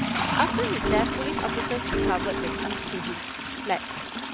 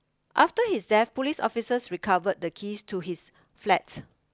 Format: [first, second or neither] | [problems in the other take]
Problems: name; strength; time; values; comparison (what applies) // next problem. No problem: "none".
second | background sound (Toilet flush + Organ); 3 dB above the speech